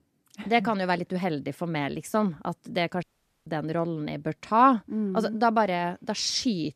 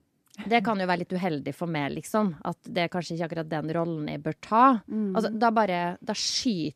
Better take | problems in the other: second | audio cutting out; at 3 s

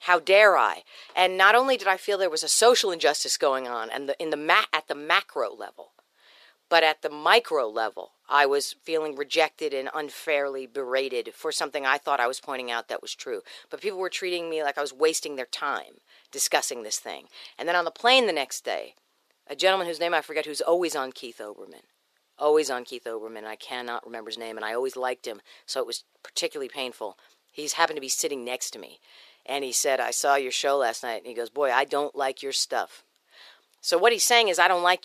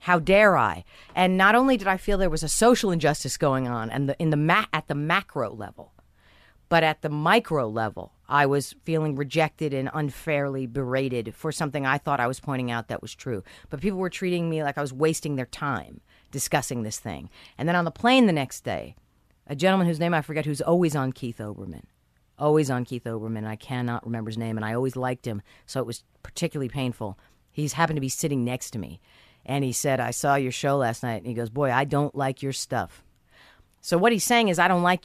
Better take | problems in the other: second | thin; very; fading below 400 Hz

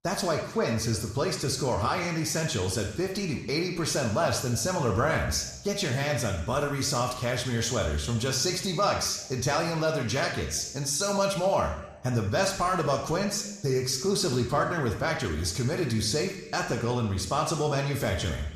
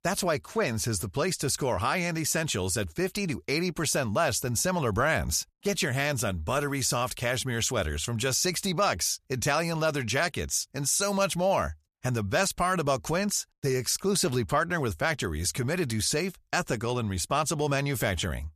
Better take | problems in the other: second | room echo; noticeable; dies away in 1 s // off-mic speech; somewhat distant

